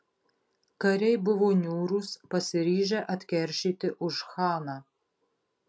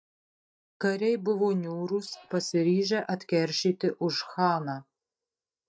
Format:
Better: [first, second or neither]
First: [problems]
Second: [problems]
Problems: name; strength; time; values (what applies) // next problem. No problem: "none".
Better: first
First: none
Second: noise reduction (neural mask model DeepFilterNet 3)